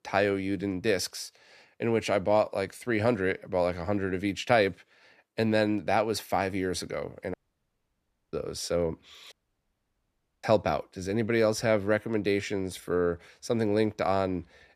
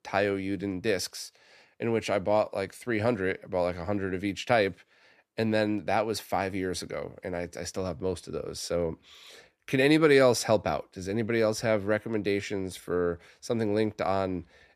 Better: second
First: audio cutting out; at 7.5 s for 1 s and at 9.5 s for 1 s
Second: none

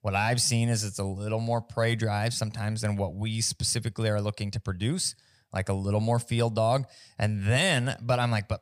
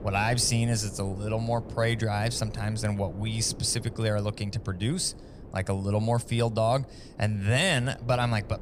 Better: first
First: none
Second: wind noise on the microphone; occasional gusts; 20 dB below the speech

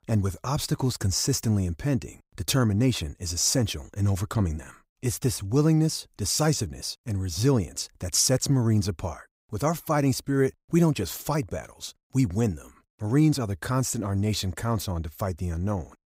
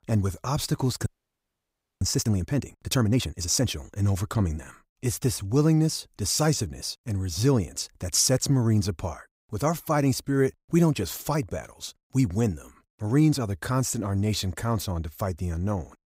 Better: first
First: none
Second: audio freezing; at 1 s for 1 s

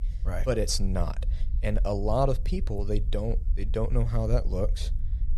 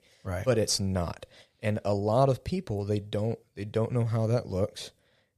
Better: second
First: low rumble; faint; throughout; 20 dB below the speech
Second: none

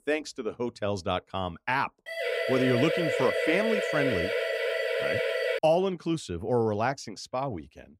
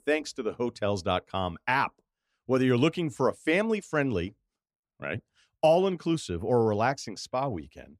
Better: second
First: siren; loud; from 2 to 5.5 s; peak 2 dB above the speech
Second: none

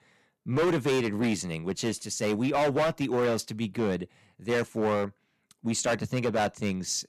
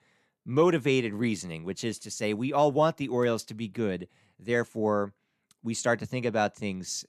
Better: second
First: distortion; heavy; 11% of the sound clipped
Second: none

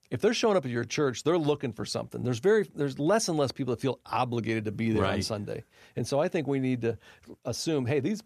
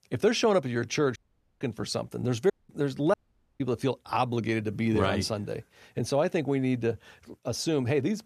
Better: first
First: none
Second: audio cutting out; at 1 s, at 2.5 s and at 3 s

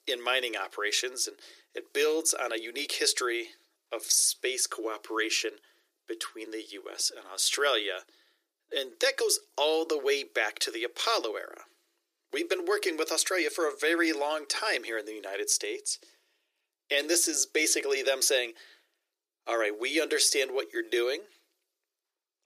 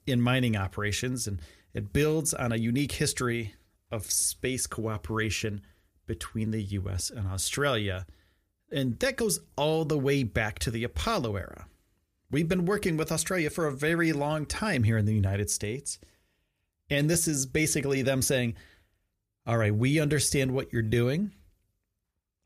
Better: second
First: thin; very; fading below 350 Hz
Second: none

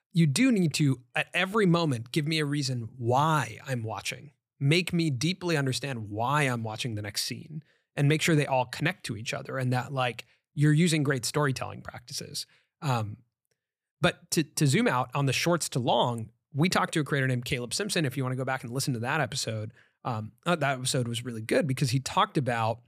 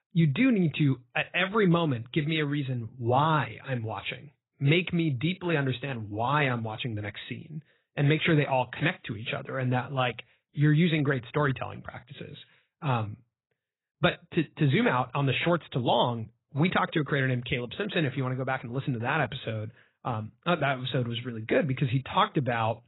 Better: first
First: none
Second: garbled, watery; badly; nothing above 4 kHz

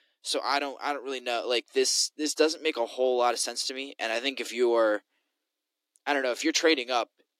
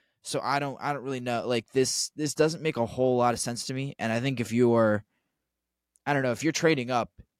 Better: second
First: thin; somewhat; fading below 300 Hz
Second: none

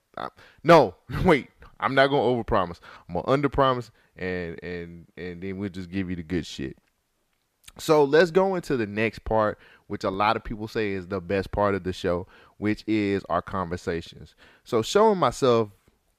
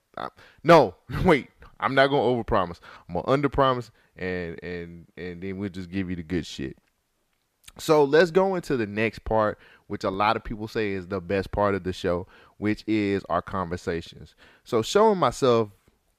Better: neither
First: none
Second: none

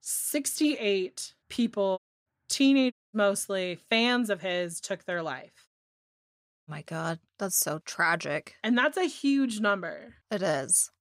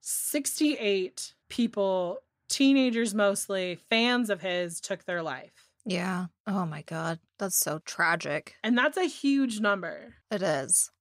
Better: second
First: audio cutting out; at 2 s, at 3 s and at 5.5 s for 1 s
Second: none

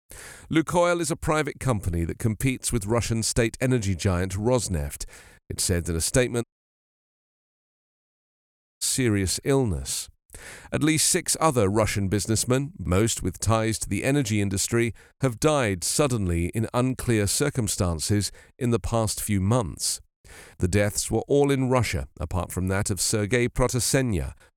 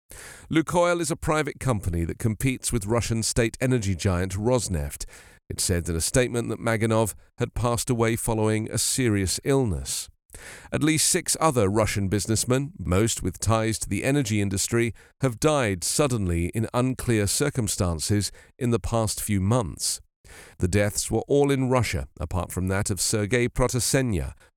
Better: second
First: audio cutting out; at 6.5 s for 2.5 s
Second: none

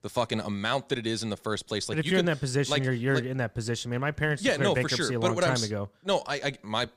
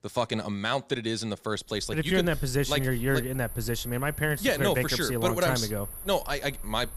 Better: first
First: none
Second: animal sounds; noticeable; from 2 s on; 10 dB below the speech

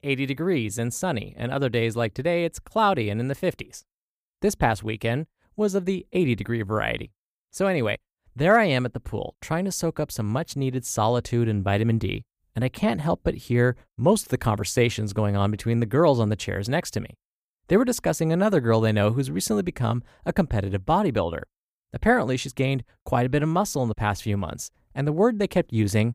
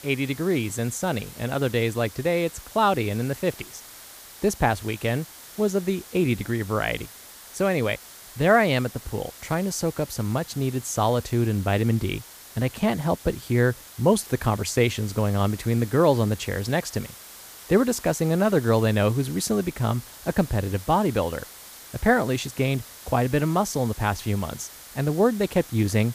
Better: first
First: none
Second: hiss; noticeable; throughout; 15 dB below the speech

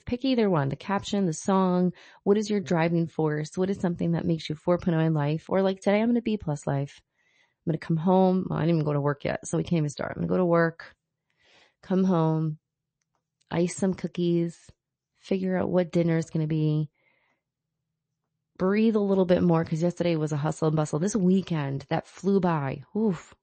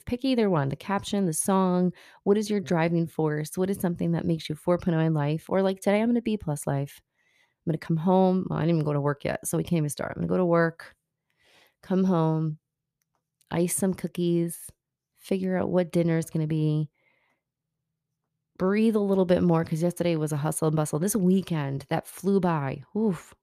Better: second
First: garbled, watery; slightly; nothing above 8 kHz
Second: none

